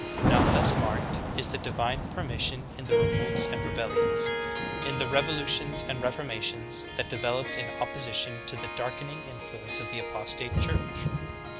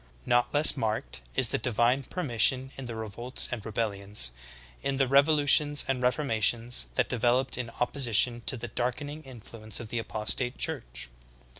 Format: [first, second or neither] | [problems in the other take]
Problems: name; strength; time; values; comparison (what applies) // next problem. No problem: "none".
second | background sound (Thunder / Rain + Harp); 4 dB above the speech